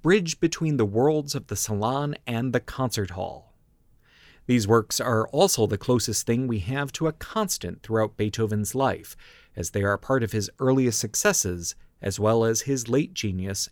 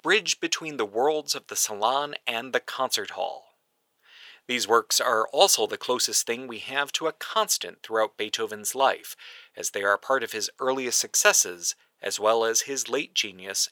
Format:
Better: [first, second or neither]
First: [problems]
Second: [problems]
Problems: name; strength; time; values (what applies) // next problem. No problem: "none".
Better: first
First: none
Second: thin; very; fading below 700 Hz